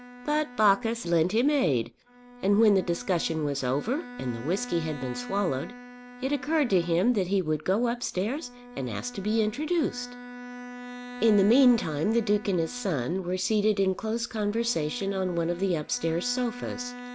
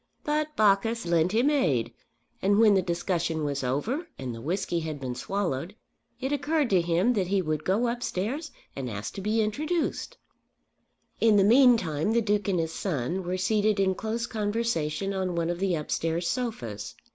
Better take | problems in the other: second | background sound (Bowed string instrument); 16 dB below the speech

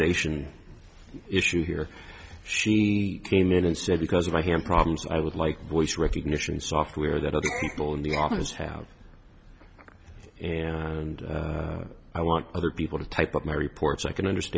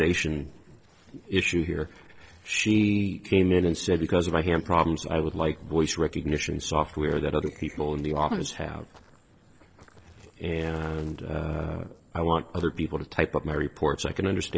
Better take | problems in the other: first | noise reduction (neural separator model SepFormer DNS4)

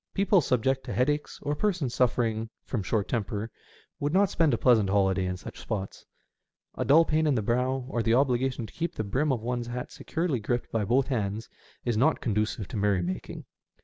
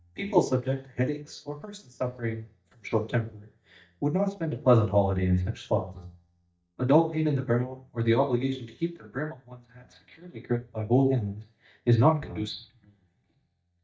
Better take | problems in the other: first | noise reduction (neural mask model DeepFilterNet 3)

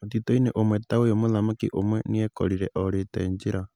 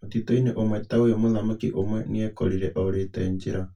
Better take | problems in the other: first | room echo; dies away in 0.2 s

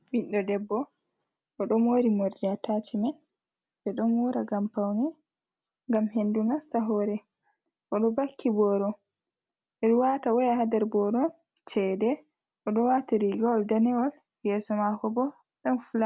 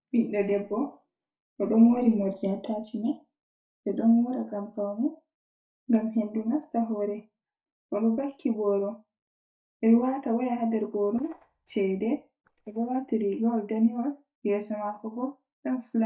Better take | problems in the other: first | noise reduction (neural mask model DeepFilterNet 3)

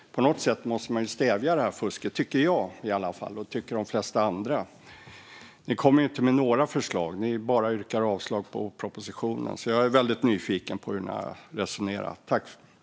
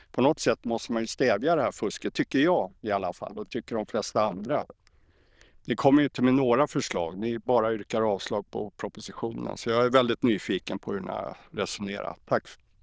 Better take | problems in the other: first | noise reduction (neural diffusion model UNIVERSE++)

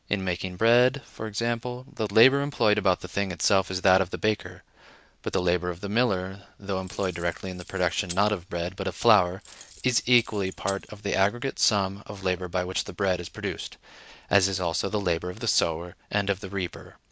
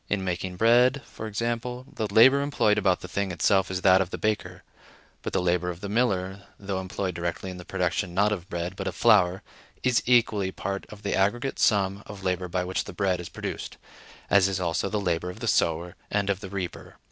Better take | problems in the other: second | background sound (Keys jangling); 19 dB below the speech

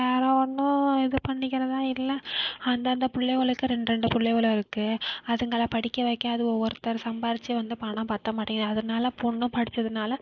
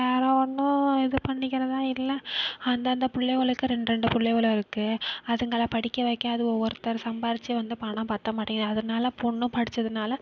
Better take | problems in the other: second | noise reduction (neural mask model Resemble Enhance denoiser)

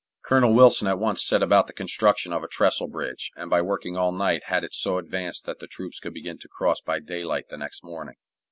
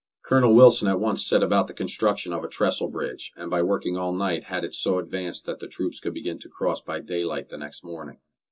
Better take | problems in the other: first | room echo; dies away in 0.2 s

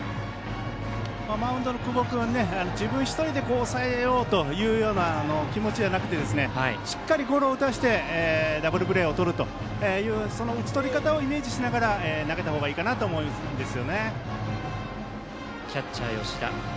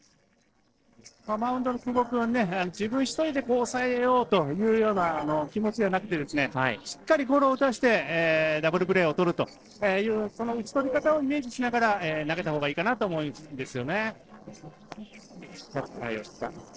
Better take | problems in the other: first | noise reduction (neural separator model SepFormer DNS4)

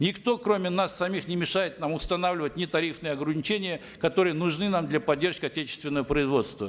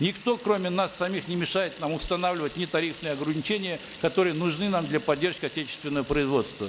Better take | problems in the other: first | background sound (Sink (filling or washing) / Water tap, faucet); 19 dB below the speech

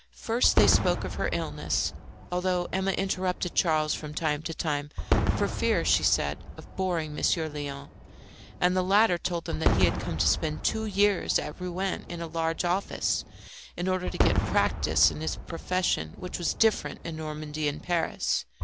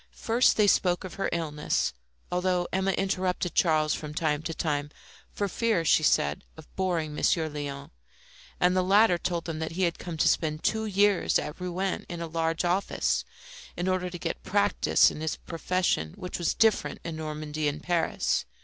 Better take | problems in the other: second | background sound (Fireworks); 4 dB below the speech

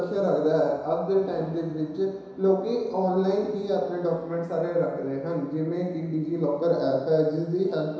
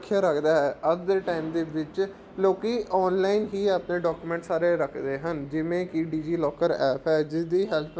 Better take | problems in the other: second | room echo; dies away in 1 s

